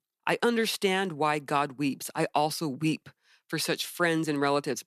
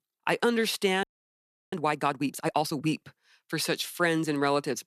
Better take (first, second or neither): first